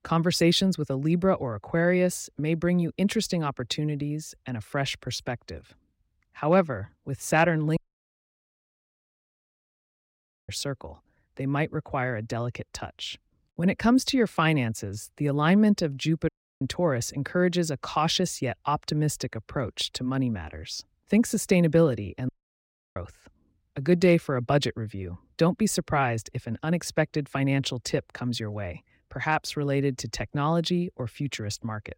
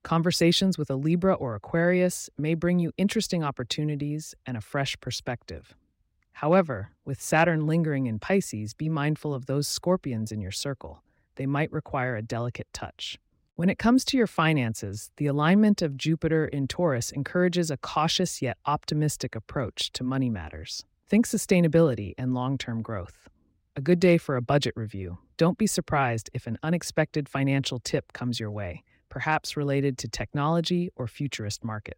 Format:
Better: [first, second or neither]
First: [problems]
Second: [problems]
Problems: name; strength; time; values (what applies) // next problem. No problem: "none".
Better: second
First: audio cutting out; at 8 s for 2.5 s, at 16 s and at 22 s for 0.5 s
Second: none